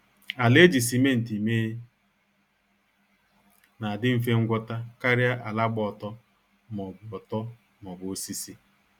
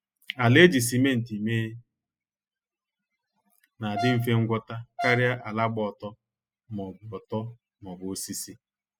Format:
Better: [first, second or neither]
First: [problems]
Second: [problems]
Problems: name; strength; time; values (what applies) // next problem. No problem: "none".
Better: first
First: none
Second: noise reduction (classical method spectral subtraction)